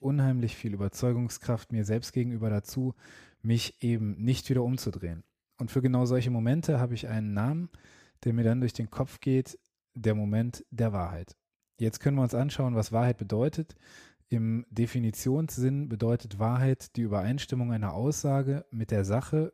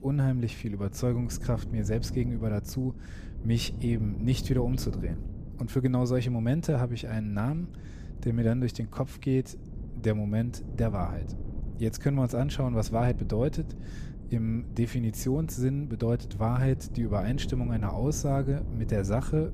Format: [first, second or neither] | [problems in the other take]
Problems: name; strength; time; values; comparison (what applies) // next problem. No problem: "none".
first | wind noise on the microphone; occasional gusts; 15 dB below the speech